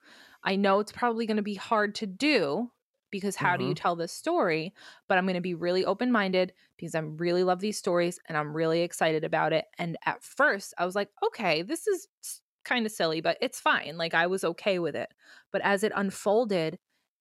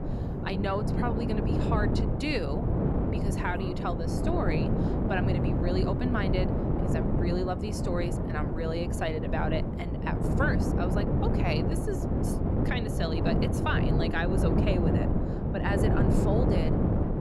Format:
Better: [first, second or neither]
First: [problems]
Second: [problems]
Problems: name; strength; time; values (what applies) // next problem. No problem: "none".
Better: first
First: none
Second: wind noise on the microphone; heavy; as loud as the speech